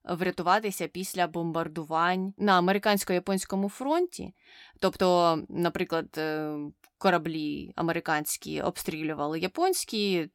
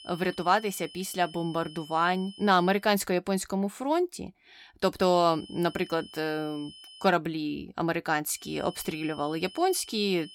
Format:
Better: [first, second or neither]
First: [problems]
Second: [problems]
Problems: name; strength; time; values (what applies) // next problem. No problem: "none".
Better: first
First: none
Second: high-pitched whine; noticeable; until 3 s, from 5 to 7 s and from 8.5 s on; 3 kHz, 20 dB below the speech